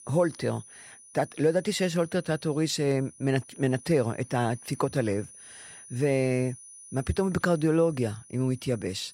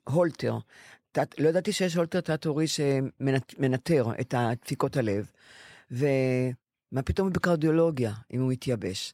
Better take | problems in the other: second | high-pitched whine; noticeable; throughout; 9.5 kHz, 20 dB below the speech

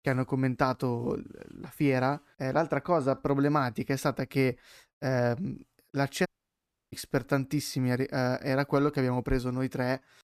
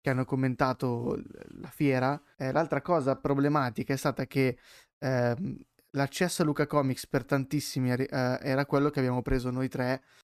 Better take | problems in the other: second | audio cutting out; at 6.5 s for 0.5 s

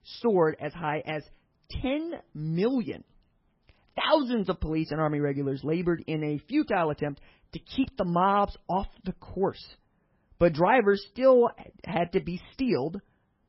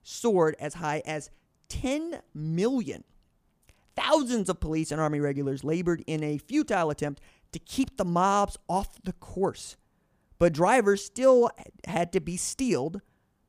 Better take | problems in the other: second | garbled, watery; badly; nothing above 5.5 kHz

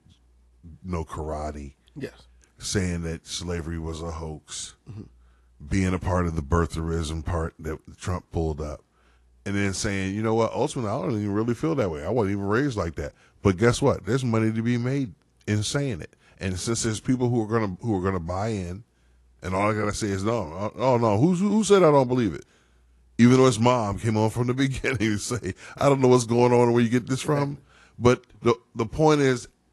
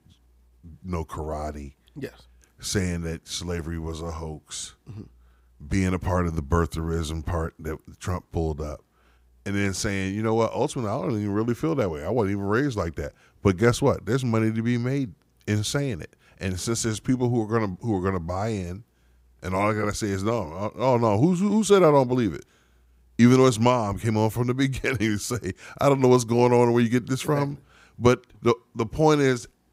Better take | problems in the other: second | garbled, watery; slightly; nothing above 11 kHz

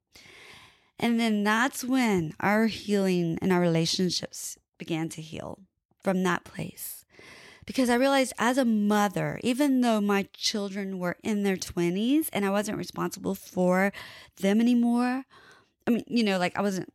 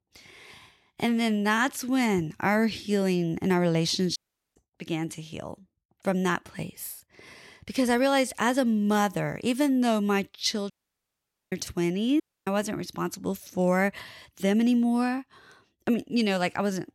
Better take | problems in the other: first | audio cutting out; at 4 s, at 11 s for 1 s and at 12 s

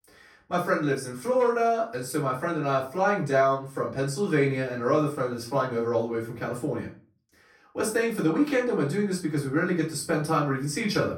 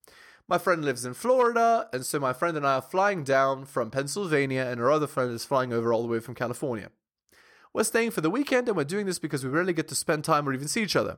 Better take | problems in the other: second | off-mic speech; far // room echo; slight; dies away in 0.3 s

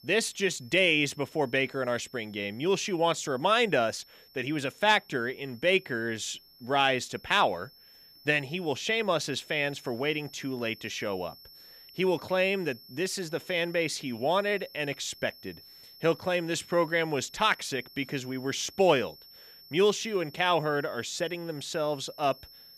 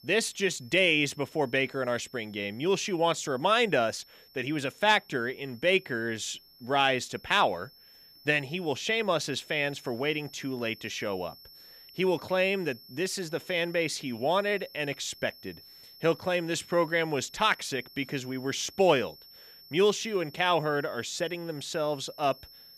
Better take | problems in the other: neither | high-pitched whine; faint; throughout; 5.5 kHz, 20 dB below the speech; the same in both

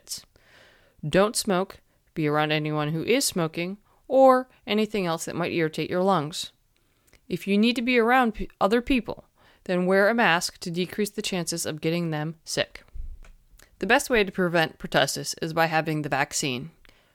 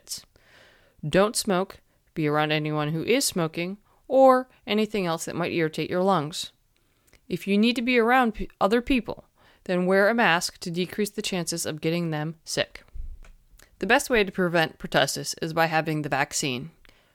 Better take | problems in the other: neither | none

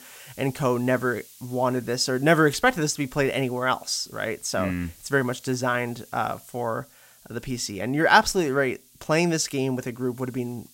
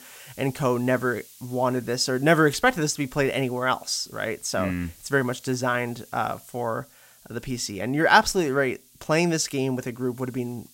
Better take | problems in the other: neither | hiss; faint; throughout; 25 dB below the speech; the same in both

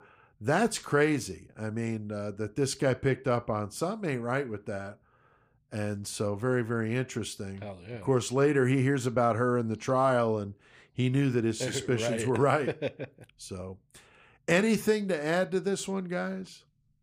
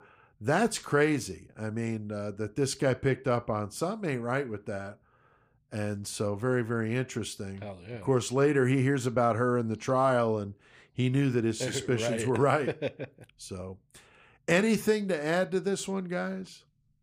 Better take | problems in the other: neither | none

